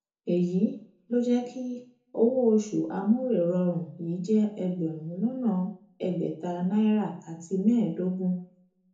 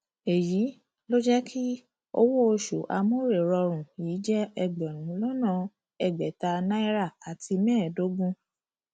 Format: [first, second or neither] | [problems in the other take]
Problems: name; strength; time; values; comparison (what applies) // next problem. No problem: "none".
second | room echo; dies away in 0.6 s